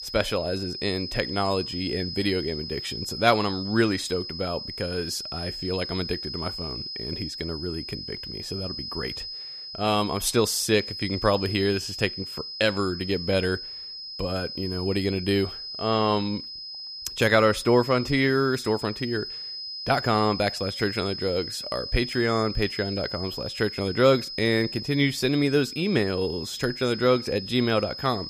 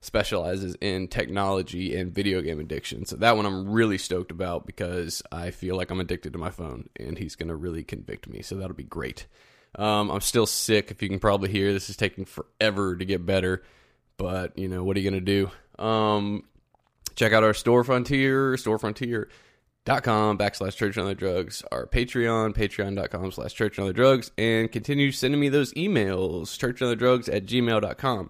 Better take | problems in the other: second | high-pitched whine; loud; throughout; 5 kHz, 8 dB below the speech

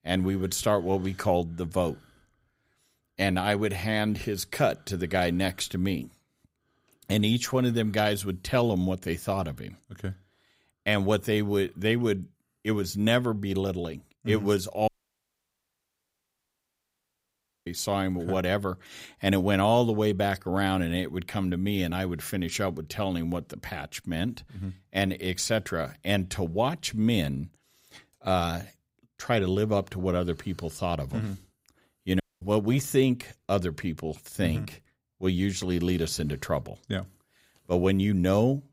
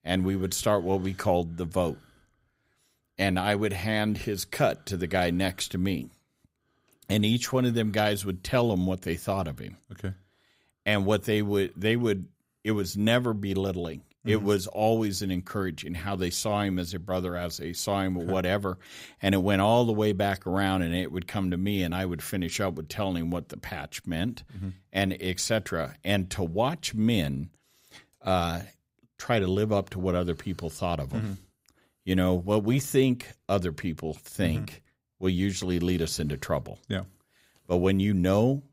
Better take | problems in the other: second | audio cutting out; at 15 s for 3 s and at 32 s

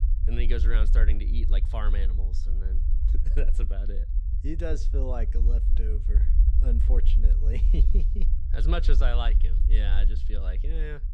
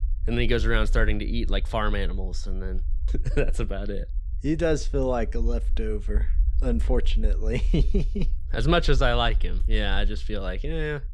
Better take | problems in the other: second | low rumble; loud; throughout; 9 dB below the speech; faint in the second

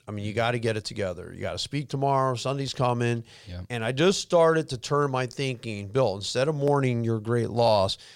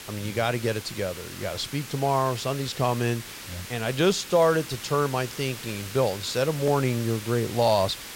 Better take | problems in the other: first | hiss; noticeable; throughout; 10 dB below the speech

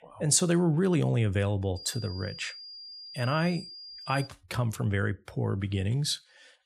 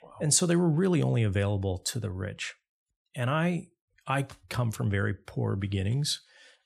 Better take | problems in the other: second | high-pitched whine; noticeable; from 2 to 4.5 s; 5 kHz, 15 dB below the speech

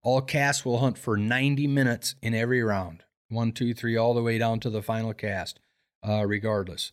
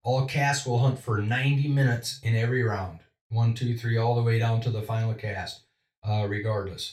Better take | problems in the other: first | room echo; slight; dies away in 0.3 s // off-mic speech; far

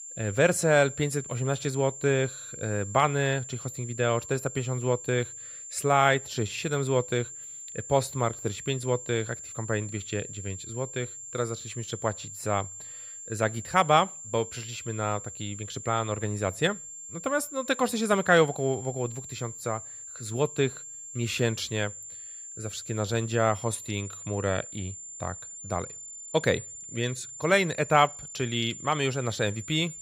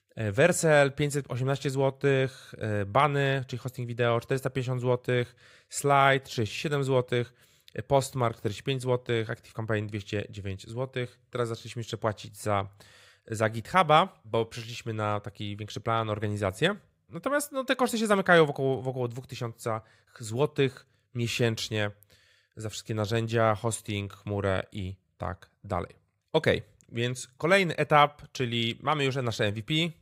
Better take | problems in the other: second | high-pitched whine; noticeable; throughout; 7.5 kHz, 10 dB below the speech

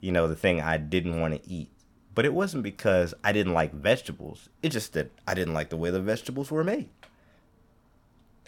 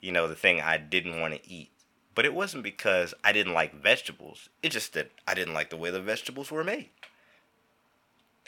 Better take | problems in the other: first | thin; somewhat; fading below 700 Hz

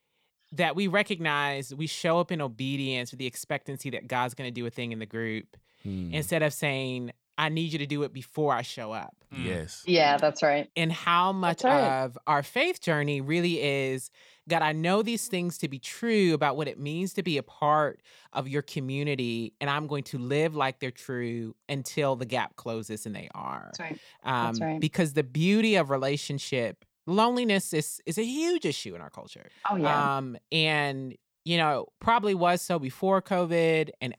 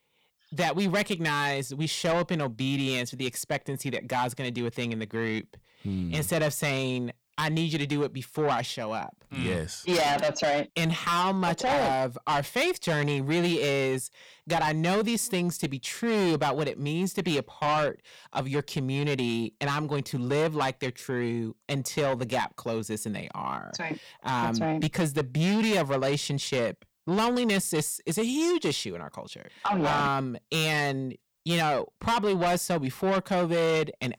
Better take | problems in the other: first | distortion; heavy; 7 dB below the speech

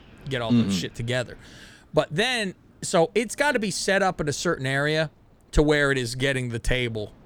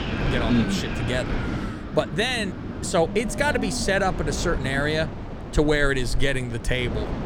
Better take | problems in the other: first | wind in the background; loud; throughout; 6 dB below the speech; faint in the first

